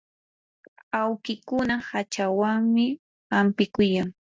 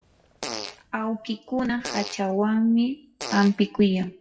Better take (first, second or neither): first